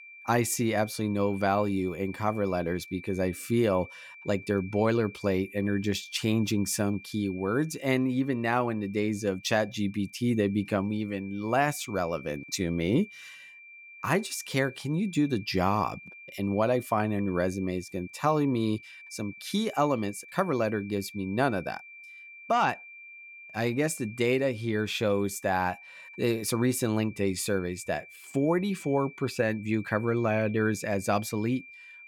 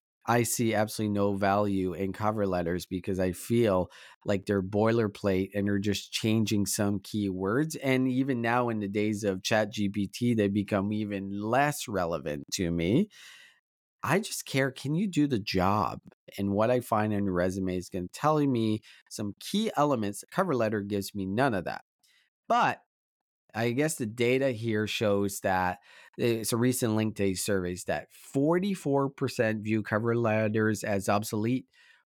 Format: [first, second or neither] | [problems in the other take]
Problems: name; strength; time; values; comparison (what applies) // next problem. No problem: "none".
second | high-pitched whine; noticeable; throughout; 2.5 kHz, 20 dB below the speech